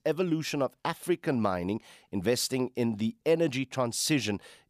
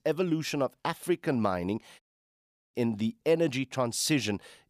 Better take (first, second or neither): first